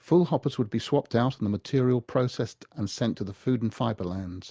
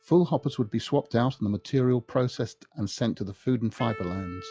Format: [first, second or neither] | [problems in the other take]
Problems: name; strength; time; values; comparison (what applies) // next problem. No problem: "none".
first | noise reduction (classical method log-MMSE)